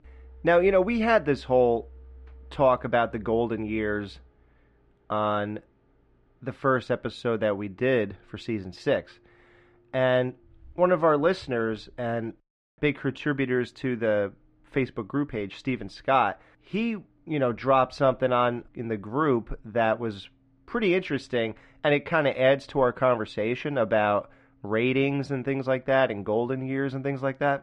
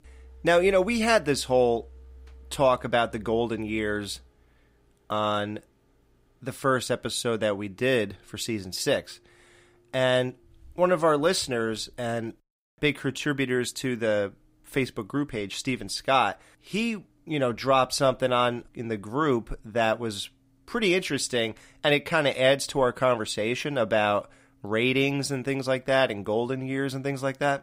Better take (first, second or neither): second